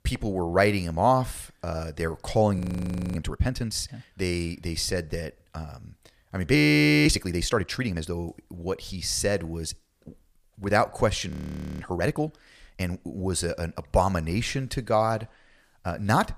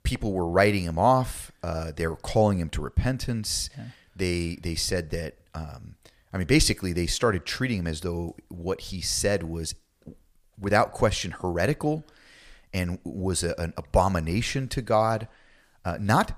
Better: second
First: audio freezing; at 2.5 s for 0.5 s, at 6.5 s and at 11 s for 0.5 s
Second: none

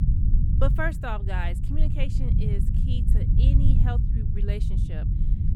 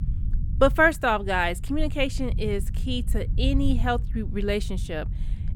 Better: second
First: low rumble; loud; throughout; 5 dB below the speech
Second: low rumble; faint; throughout; 20 dB below the speech

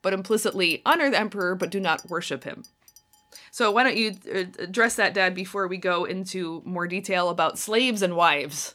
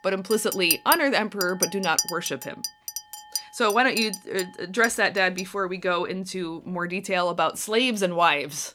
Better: first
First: household noises; faint; throughout; 25 dB below the speech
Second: household noises; loud; throughout; 6 dB below the speech

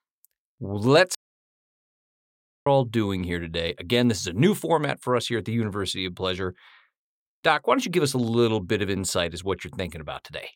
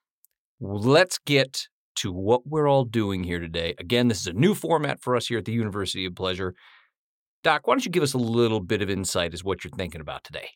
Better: second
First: audio cutting out; at 1 s for 1.5 s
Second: none

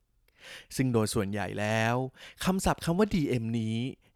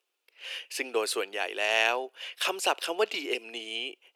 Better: first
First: none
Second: thin; very; fading below 350 Hz

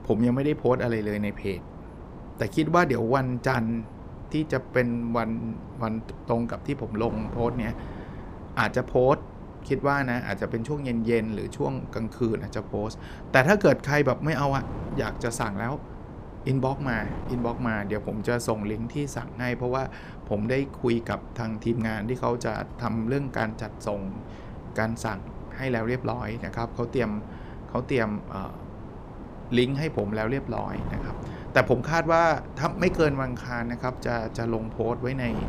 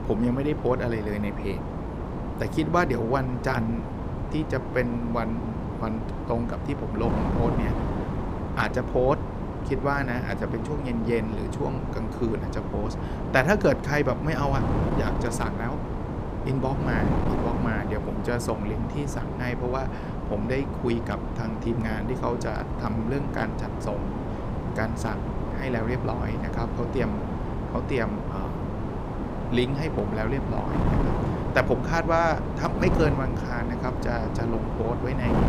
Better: first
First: wind noise on the microphone; occasional gusts; 15 dB below the speech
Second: wind noise on the microphone; heavy; 5 dB below the speech

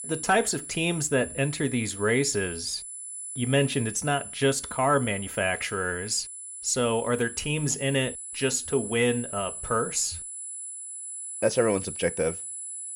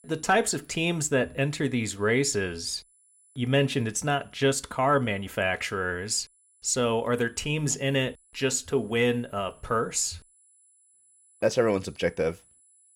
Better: second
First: high-pitched whine; loud; throughout; 10 kHz, 9 dB below the speech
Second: high-pitched whine; faint; throughout; 10 kHz, 30 dB below the speech

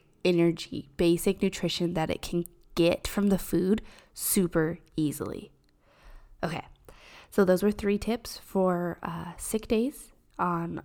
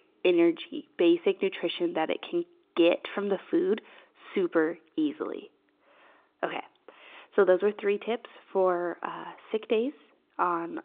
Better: first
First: none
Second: phone-call audio

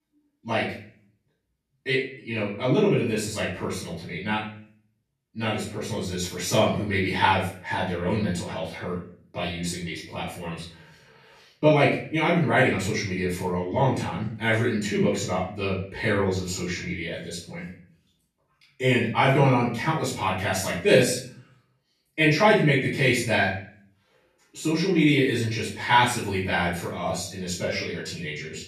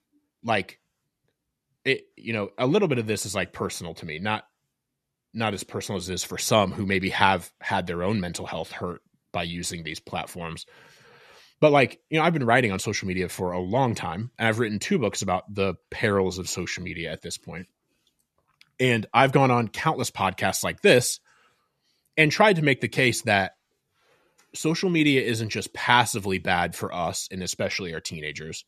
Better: second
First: off-mic speech; far // room echo; noticeable; dies away in 0.5 s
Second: none

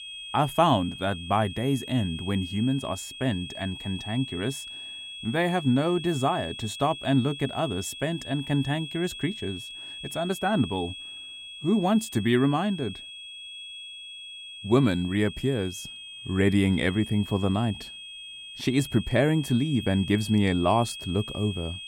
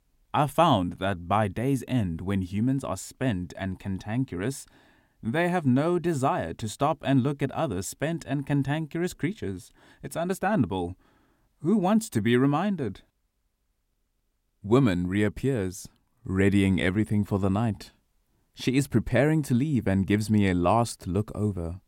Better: second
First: high-pitched whine; noticeable; throughout; 3.5 kHz, 10 dB below the speech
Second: none

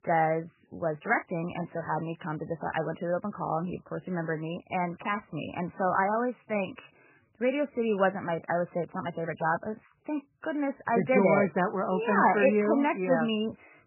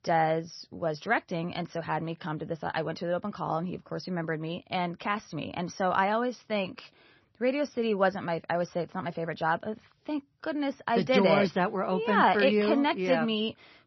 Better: second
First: garbled, watery; badly; nothing above 3 kHz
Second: garbled, watery; slightly; nothing above 6 kHz

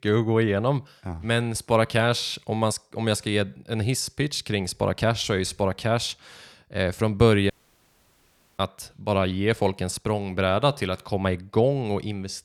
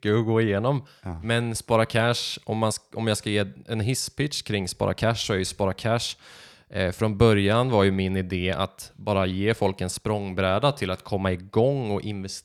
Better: second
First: audio cutting out; at 7.5 s for 1 s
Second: none

